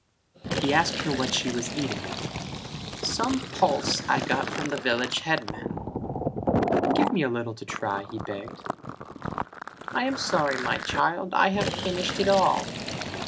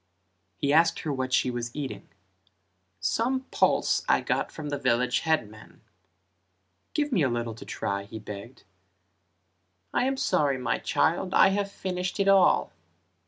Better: second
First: background sound (Fill (with liquid)); 3 dB below the speech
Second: none

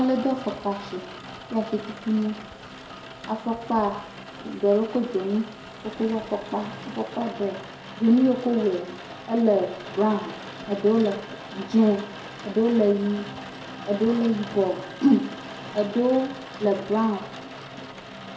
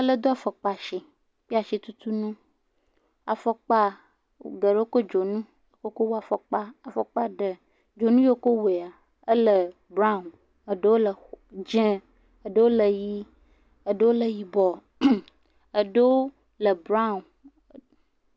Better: second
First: background sound (Rain); 14 dB below the speech // room echo; dies away in 0.6 s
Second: none

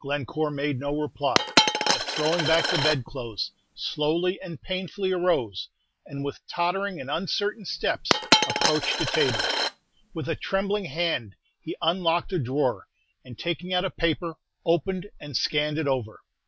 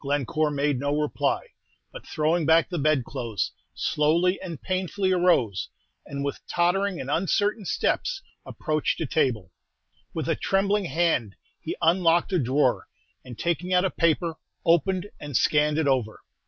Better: second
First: background sound (Coin (dropping)); as loud as the speech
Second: none

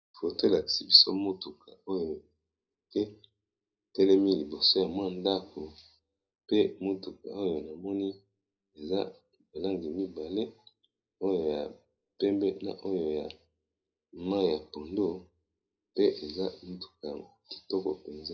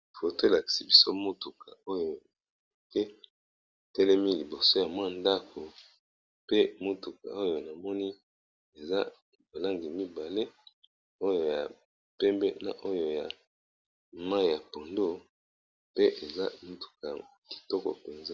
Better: second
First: room echo; dies away in 0.4 s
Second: none

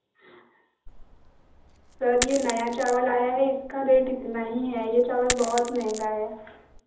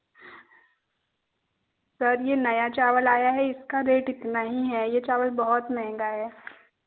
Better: second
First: background sound (Coin (dropping)); 11 dB below the speech // room echo; dies away in 0.7 s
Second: none

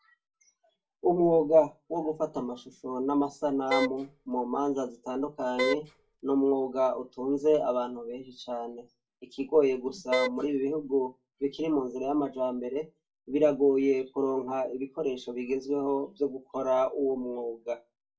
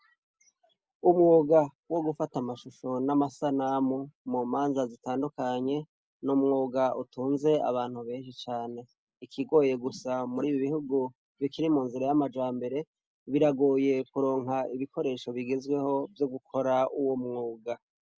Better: second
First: background sound (Wind instrument, woodwind instrument); 3 dB below the speech // room echo; dies away in 0.2 s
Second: none

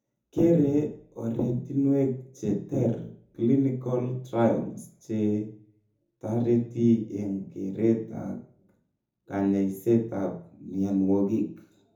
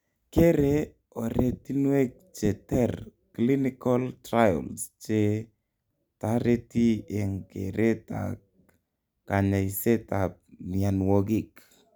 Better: second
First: room echo; dies away in 0.6 s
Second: none

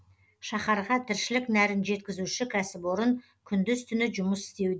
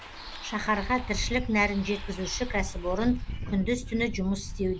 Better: first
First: none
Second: background sound (Bus); 6 dB below the speech

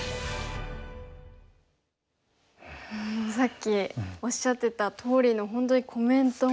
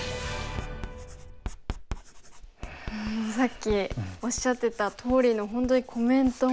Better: first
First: none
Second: background sound (Writing); 12 dB below the speech

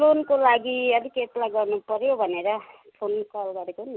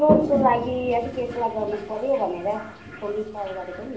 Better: first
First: none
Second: background sound (Toilet flush); 6 dB below the speech // room echo; dies away in 0.6 s

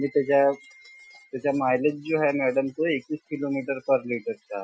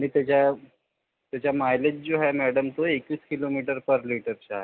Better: second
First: noise reduction (classical method Wiener filter)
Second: none

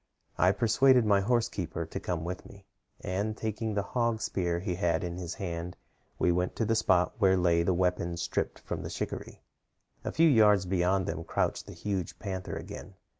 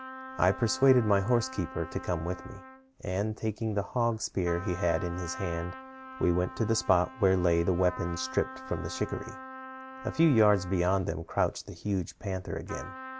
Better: first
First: none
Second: background sound (Trumpet); 15 dB below the speech

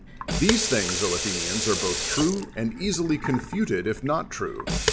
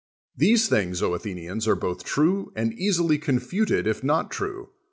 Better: second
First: background sound (Sink (filling or washing) / Water tap, faucet); 3 dB below the speech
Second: none

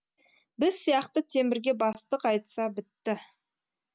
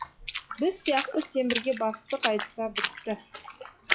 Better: first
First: none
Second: noise reduction (classical method log-MMSE)

